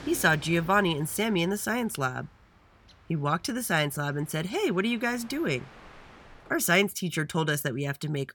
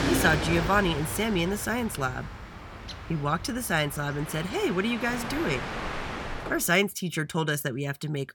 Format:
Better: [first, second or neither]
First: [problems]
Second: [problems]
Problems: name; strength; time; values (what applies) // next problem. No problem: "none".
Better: first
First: train or aircraft noise; faint; until 6.5 s; 25 dB below the speech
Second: train or aircraft noise; loud; until 6.5 s; 7 dB below the speech